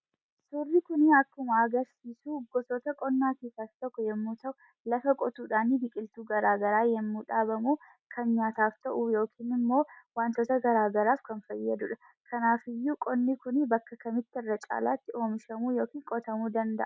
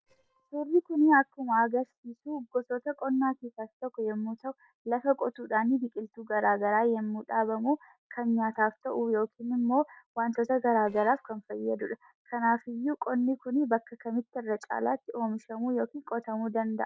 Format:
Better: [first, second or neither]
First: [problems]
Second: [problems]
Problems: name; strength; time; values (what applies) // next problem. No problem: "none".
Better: first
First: none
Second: noise reduction (neural separator model SepFormer DNS4)